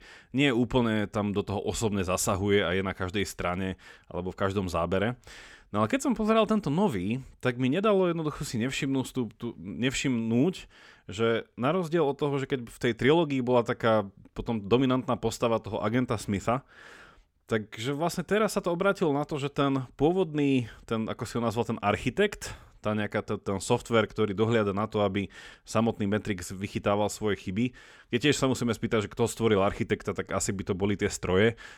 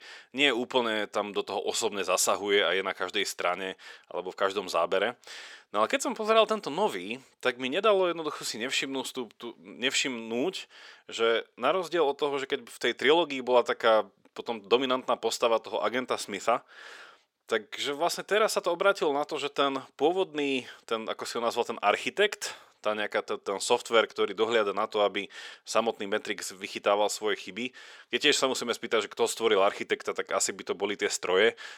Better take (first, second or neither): first